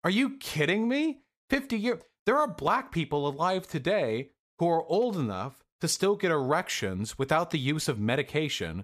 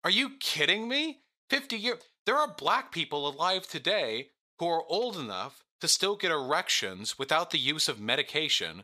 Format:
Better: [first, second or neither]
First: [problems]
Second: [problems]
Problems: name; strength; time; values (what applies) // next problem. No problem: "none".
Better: first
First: none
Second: thin; somewhat; fading below 650 Hz